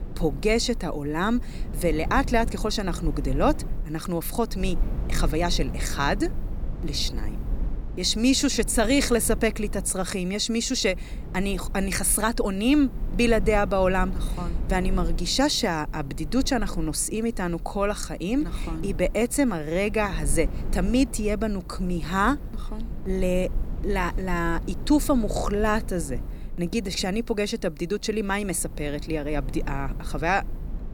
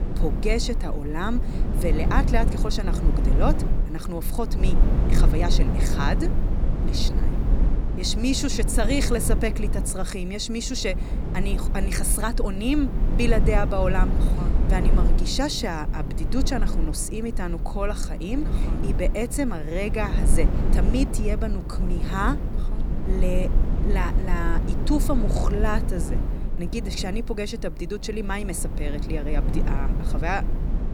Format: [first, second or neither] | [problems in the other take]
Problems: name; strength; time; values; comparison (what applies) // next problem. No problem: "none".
first | wind noise on the microphone; heavy; 7 dB below the speech; occasional gusts in the first